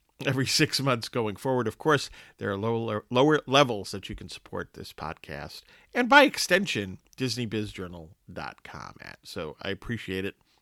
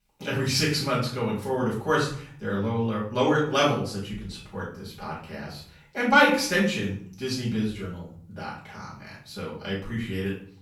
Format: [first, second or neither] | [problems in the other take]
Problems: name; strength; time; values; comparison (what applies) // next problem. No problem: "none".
first | off-mic speech; far // room echo; noticeable; dies away in 0.5 s